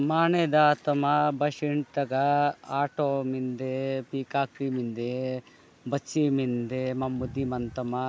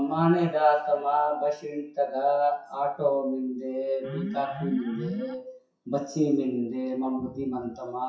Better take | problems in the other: first | noise reduction (classical method WPE with log-MMSE)

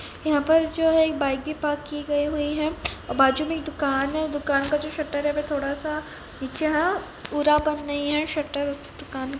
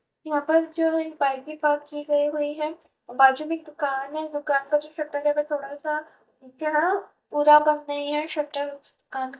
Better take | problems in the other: first | noise reduction (neural mask model DeepFilterNet 3)

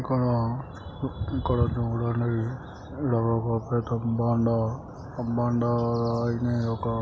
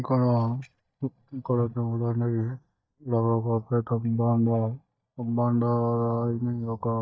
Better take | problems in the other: first | noise reduction (neural mask model DeepFilterNet 3)

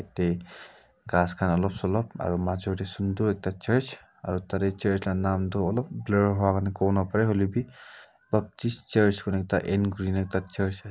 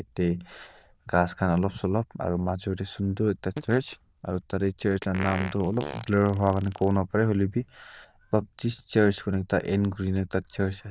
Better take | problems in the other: first | noise reduction (neural diffusion model UNIVERSE++)

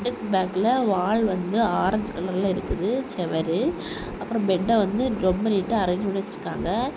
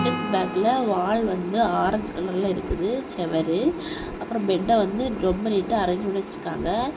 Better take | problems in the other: first | background sound (Acoustic guitar / Strum); 14 dB below the speech // room echo; dies away in 0.4 s

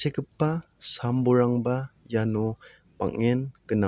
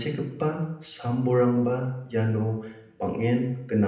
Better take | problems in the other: first | room echo; dies away in 0.8 s

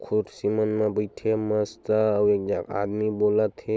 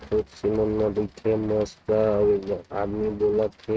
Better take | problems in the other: first | noise reduction (neural mask model RNNoise)

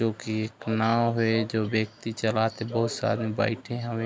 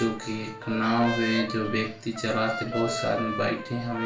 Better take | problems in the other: first | background sound (Trumpet); 8 dB below the speech // room echo; dies away in 0.4 s

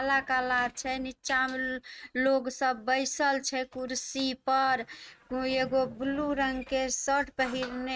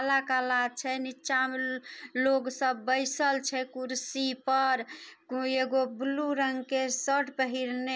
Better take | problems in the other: second | noise reduction (neural mask model RNNoise)

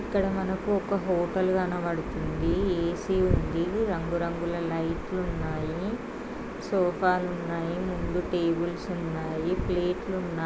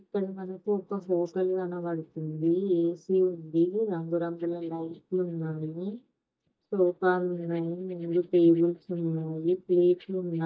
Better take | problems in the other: first | noise reduction (neural mask model DeepFilterNet 3)

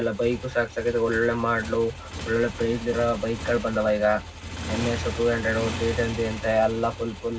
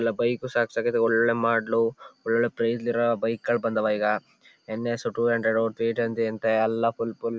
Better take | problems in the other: second | background sound (Motorcycle); 9 dB below the speech // room echo; dies away in 0.4 s

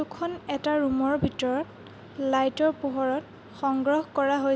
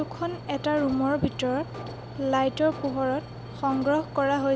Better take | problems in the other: first | background sound (Engine + Alarm); 12 dB below the speech

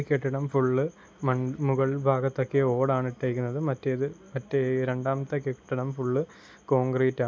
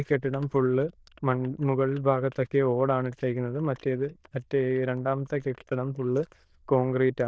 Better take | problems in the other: first | noise reduction (neural diffusion model UNIVERSE++)

